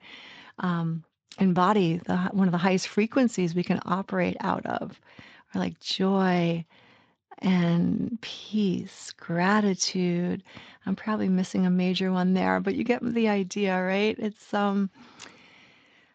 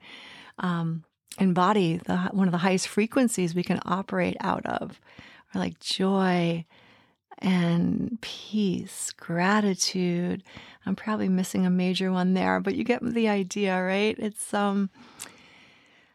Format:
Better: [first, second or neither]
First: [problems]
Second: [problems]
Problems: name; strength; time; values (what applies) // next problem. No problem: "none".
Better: second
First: garbled, watery; slightly; nothing above 7.5 kHz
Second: none